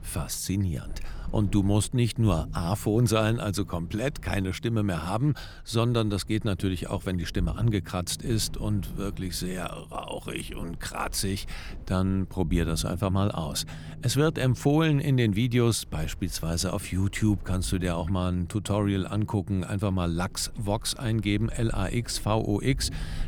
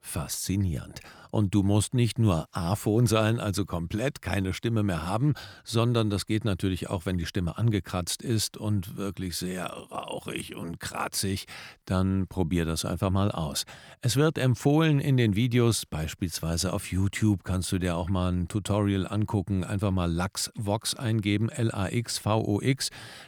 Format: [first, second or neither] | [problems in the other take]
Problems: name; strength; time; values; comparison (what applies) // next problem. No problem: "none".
second | low rumble; faint; throughout; 20 dB below the speech